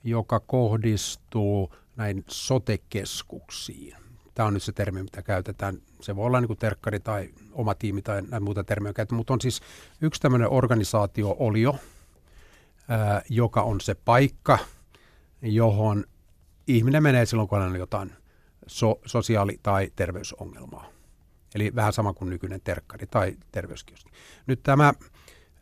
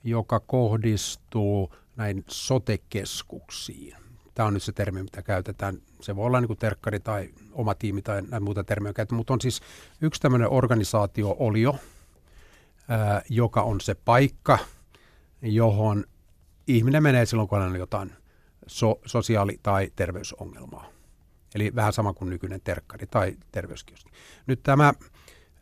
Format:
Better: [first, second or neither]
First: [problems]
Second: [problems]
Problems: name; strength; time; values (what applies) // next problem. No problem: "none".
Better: neither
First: none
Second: none